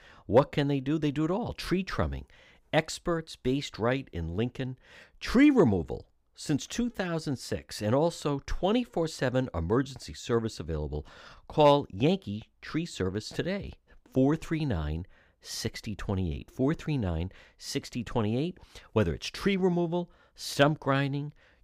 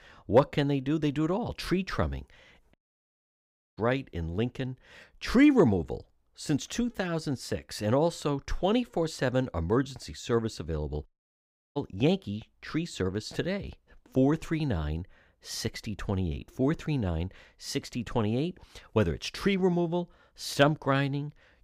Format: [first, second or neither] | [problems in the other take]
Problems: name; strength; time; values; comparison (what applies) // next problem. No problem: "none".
first | audio cutting out; at 2.5 s for 1 s and at 11 s for 0.5 s